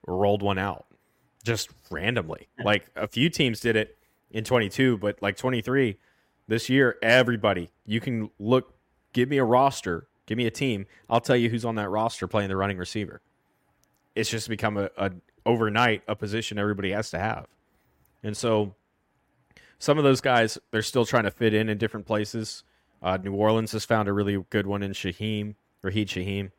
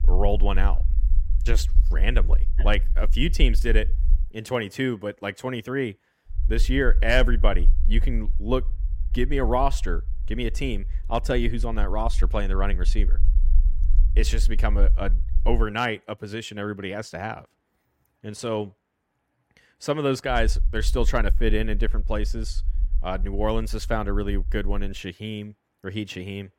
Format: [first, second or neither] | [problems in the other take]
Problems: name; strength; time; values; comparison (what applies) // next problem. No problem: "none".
first | low rumble; faint; until 4 s, from 6.5 to 16 s and from 20 to 25 s; 20 dB below the speech